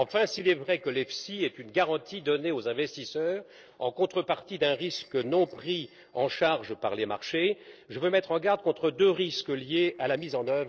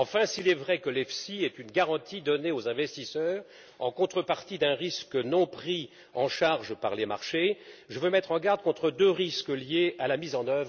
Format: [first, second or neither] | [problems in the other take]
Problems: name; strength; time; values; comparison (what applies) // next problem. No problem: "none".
second | noise reduction (neural separator model SepFormer DNS4)